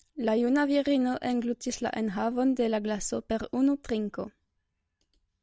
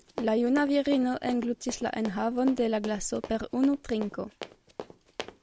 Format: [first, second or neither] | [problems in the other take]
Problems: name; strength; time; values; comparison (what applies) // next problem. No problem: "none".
first | background sound (Run); 14 dB below the speech